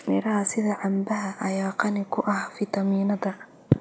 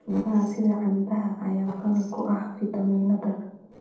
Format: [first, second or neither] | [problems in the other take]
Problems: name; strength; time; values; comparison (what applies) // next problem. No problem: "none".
first | noise reduction (neural separator model SepFormer DNS4)